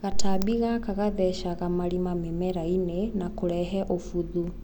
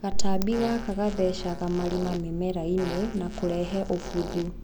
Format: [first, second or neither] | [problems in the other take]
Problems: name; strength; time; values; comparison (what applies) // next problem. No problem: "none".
first | background sound (Fart); 14 dB below the speech